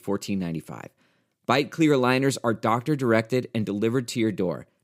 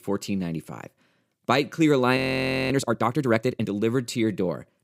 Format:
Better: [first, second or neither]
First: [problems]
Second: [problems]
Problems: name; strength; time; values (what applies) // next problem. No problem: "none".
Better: first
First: none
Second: audio freezing; at 2 s for 0.5 s